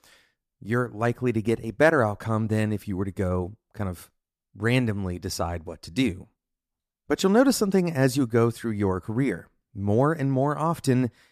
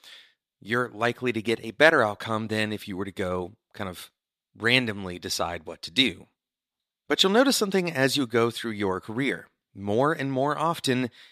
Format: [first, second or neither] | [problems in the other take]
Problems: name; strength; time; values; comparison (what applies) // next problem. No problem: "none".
first | thin; very slightly; fading below 650 Hz